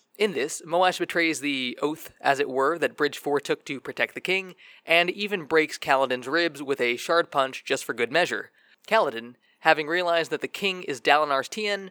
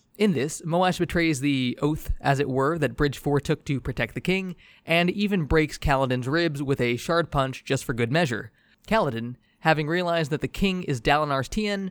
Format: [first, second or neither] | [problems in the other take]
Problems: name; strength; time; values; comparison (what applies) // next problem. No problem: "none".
second | thin; somewhat; fading below 450 Hz